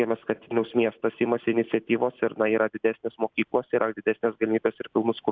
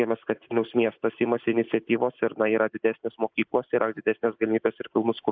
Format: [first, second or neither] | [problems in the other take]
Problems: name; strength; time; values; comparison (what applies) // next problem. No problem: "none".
first | noise reduction (neural mask model Resemble Enhance denoiser)